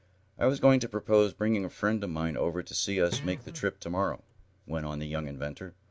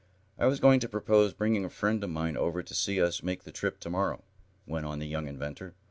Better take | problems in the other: second | background sound (Guitar); 13 dB below the speech

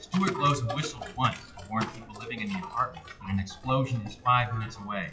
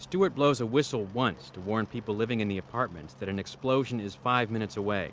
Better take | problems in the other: second | noise reduction (classical method WPE with log-MMSE)

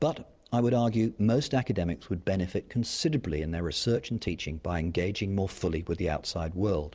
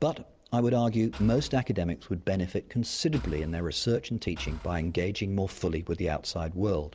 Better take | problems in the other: first | background sound (Engine / Car); 14 dB below the speech

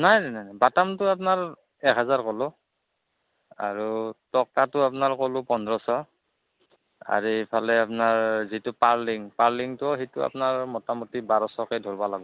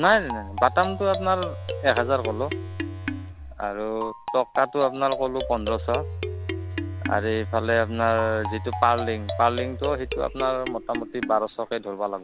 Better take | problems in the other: first | background sound (Telephone + Marimba, xylophone); 7 dB below the speech

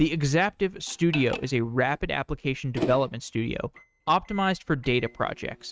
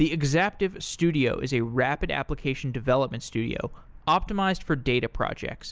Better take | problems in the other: second | noise reduction (neural mask model RNNoise)

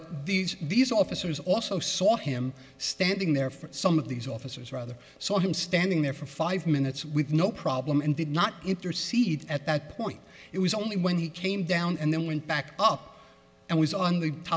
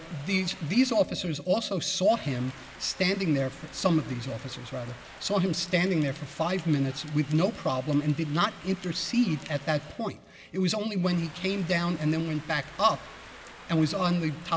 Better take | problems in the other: first | background sound (Rain); 19 dB below the speech

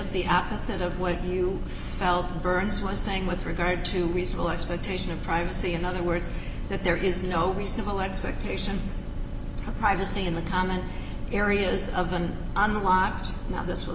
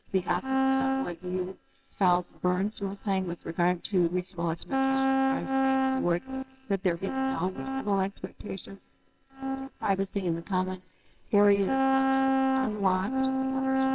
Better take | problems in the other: first | noise reduction (neural separator model SepFormer WHAMR!)

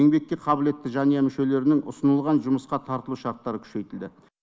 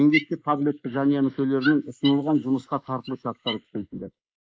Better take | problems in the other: first | noise reduction (neural mask model Resemble Enhance denoiser)

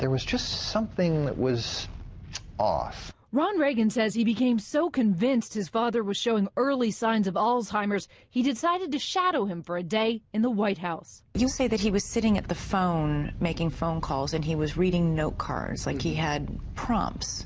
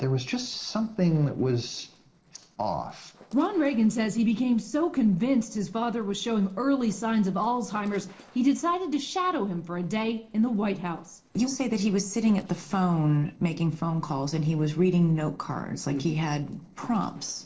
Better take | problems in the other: first | noise reduction (neural separator model SepFormer DNS4)

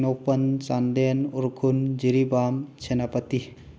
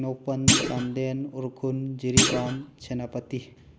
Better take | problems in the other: first | background sound (Thump, thud); 3 dB above the speech

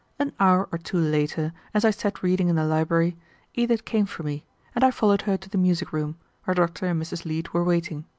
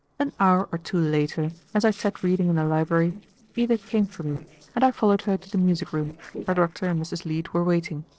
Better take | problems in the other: first | noise reduction (neural separator model SepFormer DNS4)

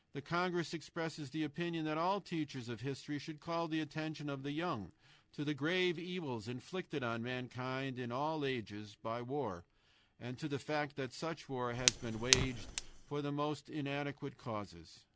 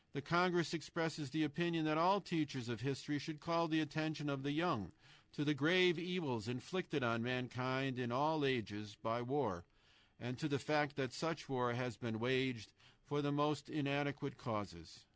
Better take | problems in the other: second | background sound (Fire); 2 dB above the speech

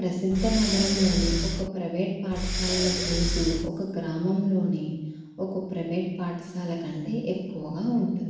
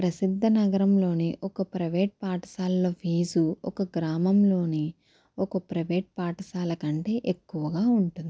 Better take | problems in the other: second | background sound (Breathing); 1 dB below the speech // room echo; dies away in 1.1 s

